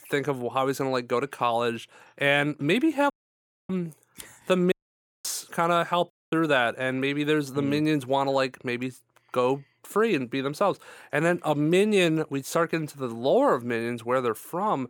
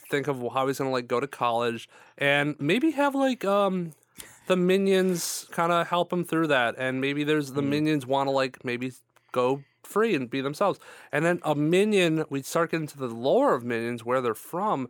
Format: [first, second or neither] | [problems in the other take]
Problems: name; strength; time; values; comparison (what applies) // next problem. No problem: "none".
second | audio cutting out; at 3 s for 0.5 s, at 4.5 s for 0.5 s and at 6 s